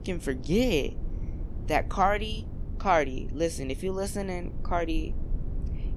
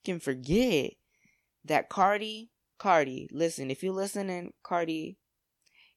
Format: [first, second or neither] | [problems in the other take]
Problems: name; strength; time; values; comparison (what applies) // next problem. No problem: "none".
second | low rumble; faint; throughout; 20 dB below the speech